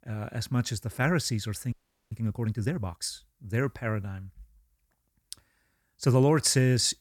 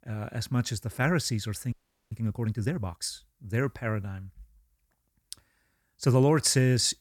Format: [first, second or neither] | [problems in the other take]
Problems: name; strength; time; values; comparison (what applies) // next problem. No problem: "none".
neither | audio freezing; at 1.5 s; the same in both